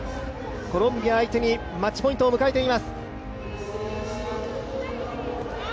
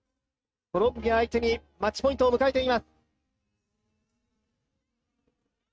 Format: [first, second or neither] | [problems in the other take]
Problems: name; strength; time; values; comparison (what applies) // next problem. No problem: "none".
first | noise reduction (neural mask model RNNoise)